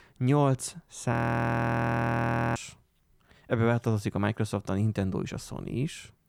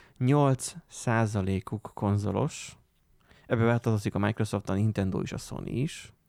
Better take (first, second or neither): second